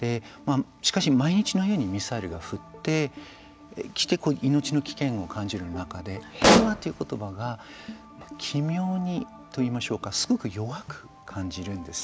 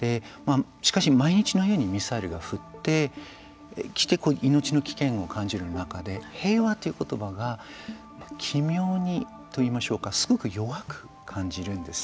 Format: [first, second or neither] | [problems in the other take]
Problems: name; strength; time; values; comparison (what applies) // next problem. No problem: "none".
second | background sound (Explosion); 5 dB above the speech